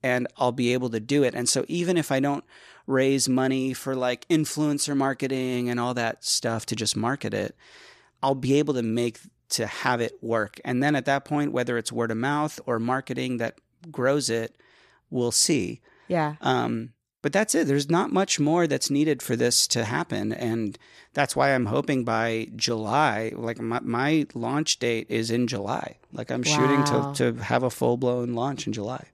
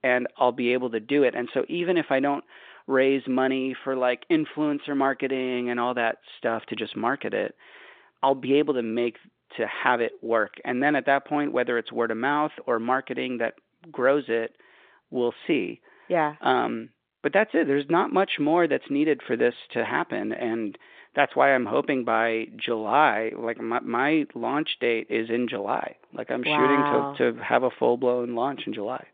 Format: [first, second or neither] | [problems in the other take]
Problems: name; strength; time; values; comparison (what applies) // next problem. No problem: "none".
first | phone-call audio; nothing above 3.5 kHz